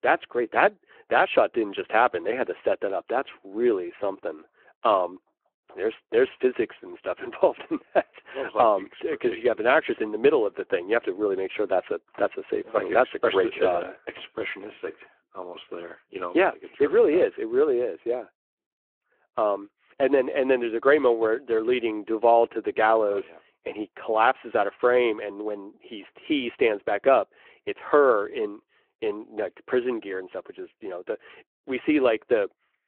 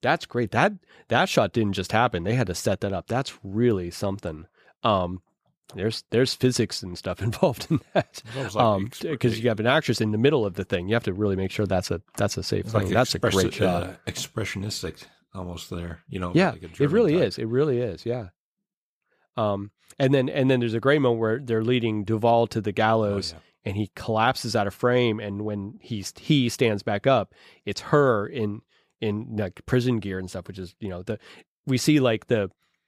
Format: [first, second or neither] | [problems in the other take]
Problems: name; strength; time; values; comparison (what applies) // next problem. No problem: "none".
second | phone-call audio